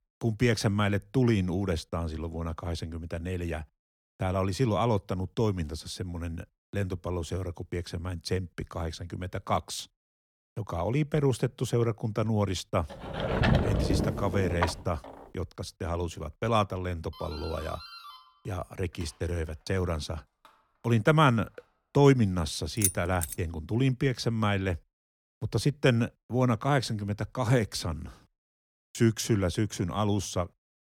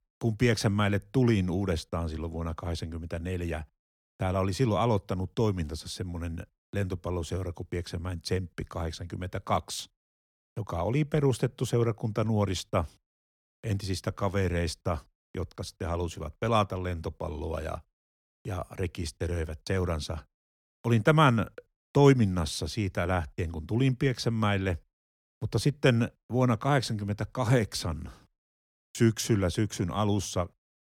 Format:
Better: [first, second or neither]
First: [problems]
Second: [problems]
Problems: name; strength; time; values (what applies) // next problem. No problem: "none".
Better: second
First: door banging; loud; from 13 to 15 s; peak 4 dB above the speech // doorbell; faint; from 17 to 22 s; peak 15 dB below the speech // jangling keys; loud; at 23 s; peak 1 dB above the speech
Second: none